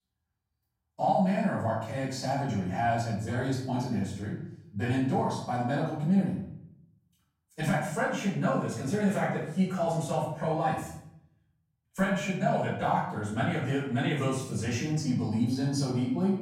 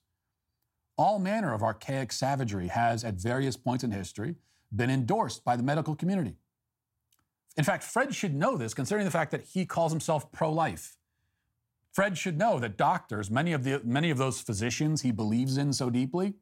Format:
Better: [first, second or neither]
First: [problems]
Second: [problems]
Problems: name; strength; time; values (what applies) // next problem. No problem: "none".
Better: second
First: off-mic speech; far // room echo; noticeable; dies away in 0.7 s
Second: none